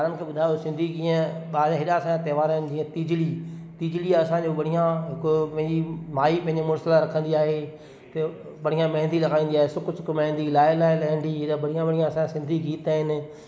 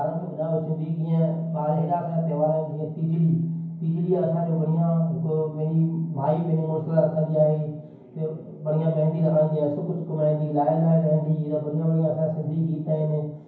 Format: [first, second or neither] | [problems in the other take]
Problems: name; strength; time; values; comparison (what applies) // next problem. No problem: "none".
first | room echo; dies away in 0.9 s